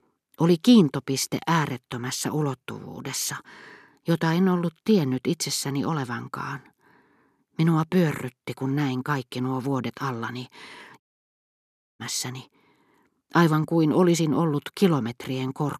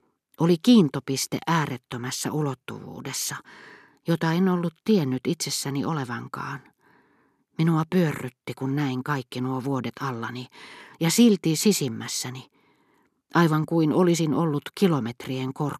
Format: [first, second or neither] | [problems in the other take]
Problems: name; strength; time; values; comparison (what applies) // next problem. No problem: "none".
second | audio cutting out; at 11 s for 1 s